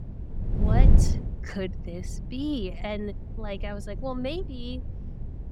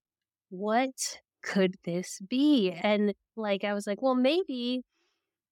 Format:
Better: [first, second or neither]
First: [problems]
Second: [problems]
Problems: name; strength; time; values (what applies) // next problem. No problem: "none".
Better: second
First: wind noise on the microphone; heavy; 6 dB below the speech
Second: none